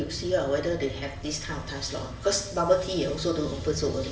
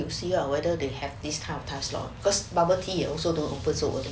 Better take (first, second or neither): second